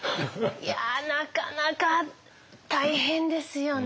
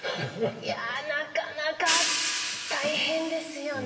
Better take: first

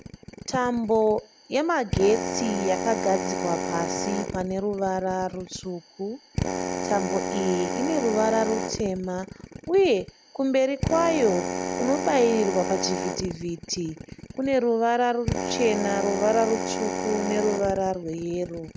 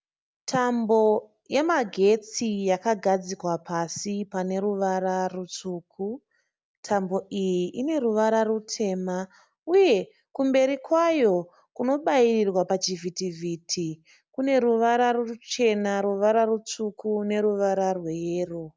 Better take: second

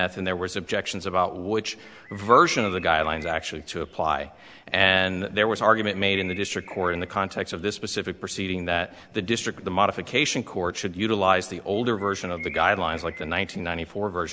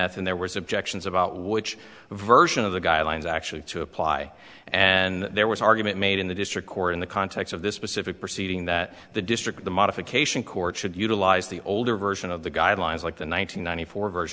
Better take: second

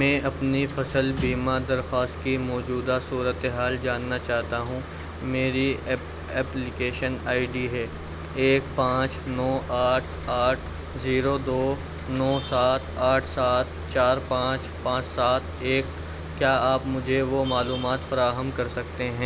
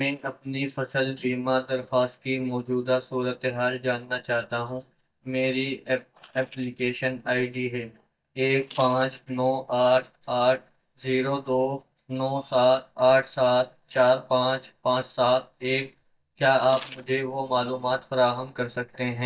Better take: first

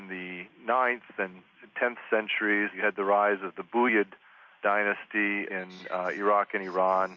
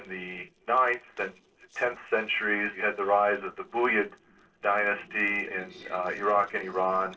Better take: first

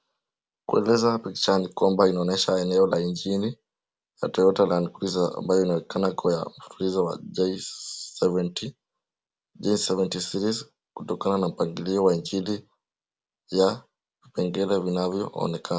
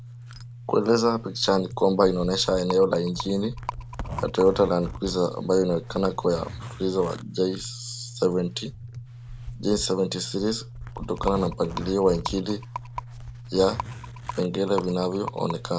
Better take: first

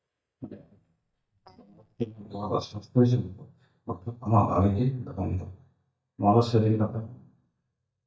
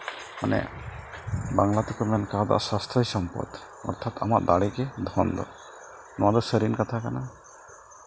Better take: second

